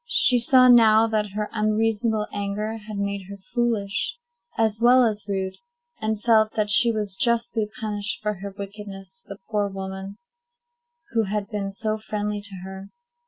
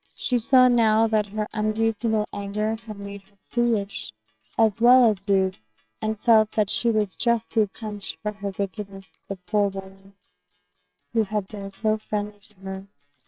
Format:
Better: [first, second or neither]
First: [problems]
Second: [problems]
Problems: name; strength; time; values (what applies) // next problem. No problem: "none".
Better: first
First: none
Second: noise reduction (neural separator model SepFormer WHAMR!)